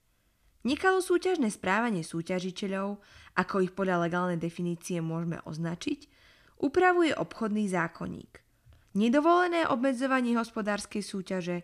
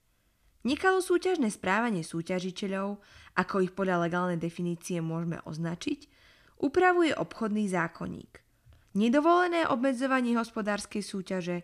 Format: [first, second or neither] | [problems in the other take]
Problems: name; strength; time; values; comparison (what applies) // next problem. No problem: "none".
neither | none